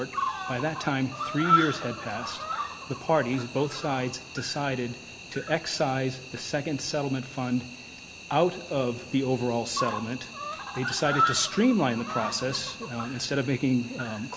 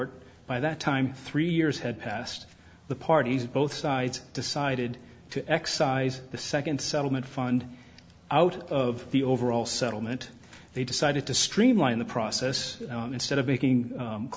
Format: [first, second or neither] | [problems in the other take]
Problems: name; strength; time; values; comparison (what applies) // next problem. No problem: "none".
second | background sound (Cricket); 5 dB below the speech